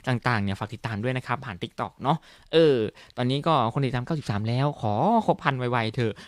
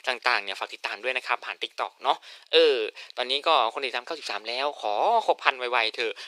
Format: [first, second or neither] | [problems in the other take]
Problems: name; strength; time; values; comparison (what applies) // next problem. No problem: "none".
first | thin; very; fading below 400 Hz